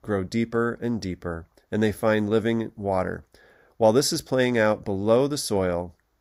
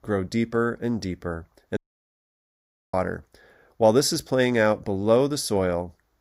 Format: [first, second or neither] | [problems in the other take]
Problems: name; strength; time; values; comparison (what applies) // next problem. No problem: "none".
first | audio cutting out; at 2 s for 1 s